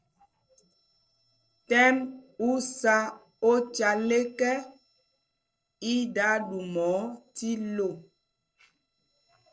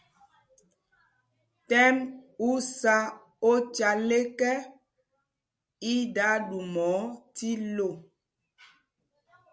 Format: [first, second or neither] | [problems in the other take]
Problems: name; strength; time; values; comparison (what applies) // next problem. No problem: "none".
second | noise reduction (neural separator model SepFormer DNS4)